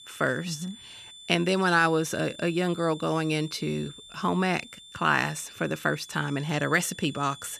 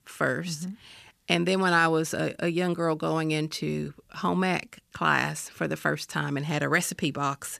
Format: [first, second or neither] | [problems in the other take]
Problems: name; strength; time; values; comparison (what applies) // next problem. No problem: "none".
second | high-pitched whine; noticeable; throughout; 3.5 kHz, 20 dB below the speech